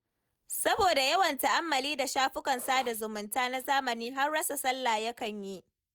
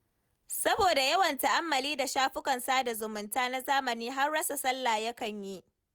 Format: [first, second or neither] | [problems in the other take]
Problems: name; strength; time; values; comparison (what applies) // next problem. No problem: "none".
second | noise reduction (neural mask model DeepFilterNet 3)